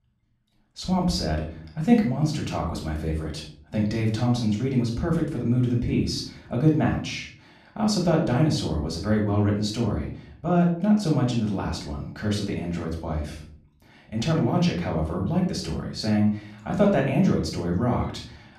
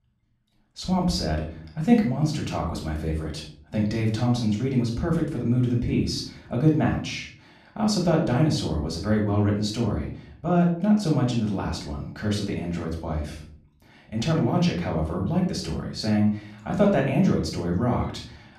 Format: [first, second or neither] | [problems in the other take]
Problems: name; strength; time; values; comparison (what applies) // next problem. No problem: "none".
neither | off-mic speech; far; the same in both // room echo; noticeable; dies away in 0.5 s; the same in both